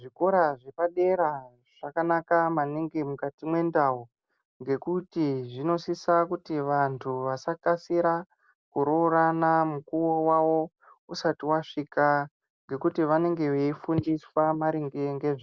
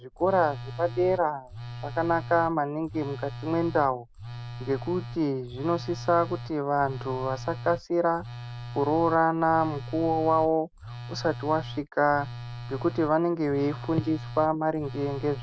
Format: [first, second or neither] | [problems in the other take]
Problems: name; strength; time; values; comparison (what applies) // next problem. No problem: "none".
first | background sound (Telephone); 12 dB below the speech